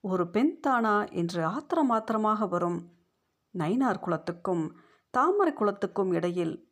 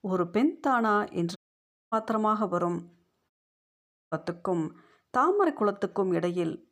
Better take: first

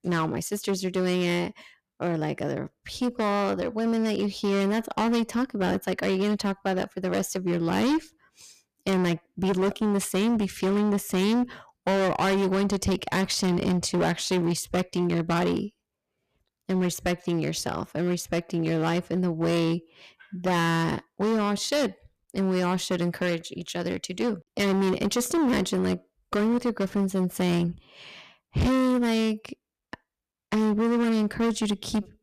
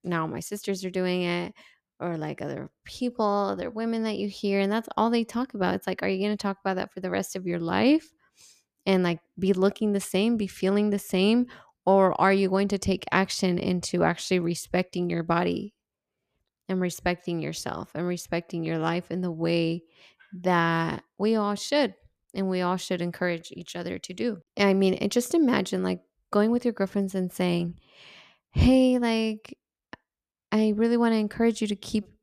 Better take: second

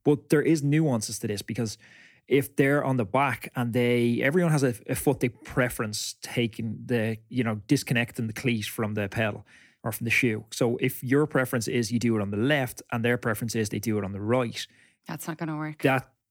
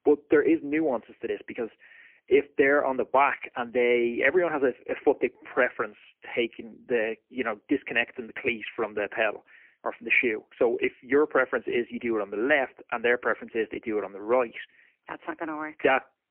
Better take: first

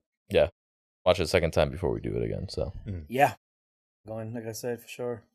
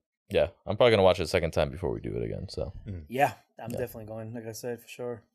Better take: second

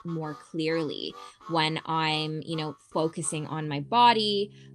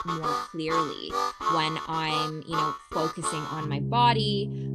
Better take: first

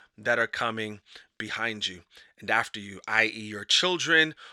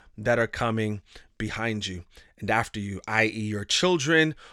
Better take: second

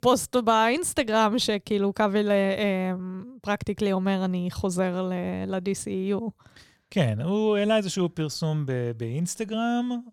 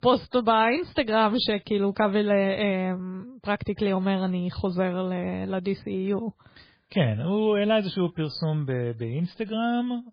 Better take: first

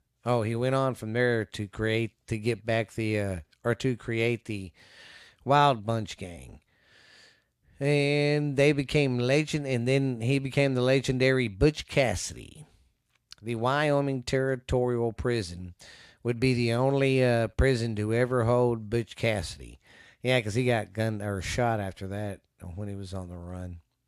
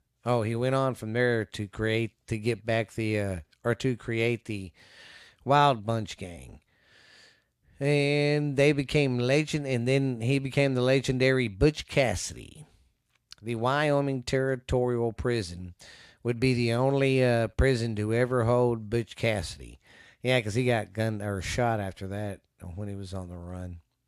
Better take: neither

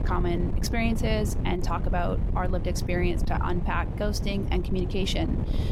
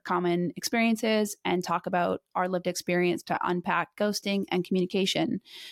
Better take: second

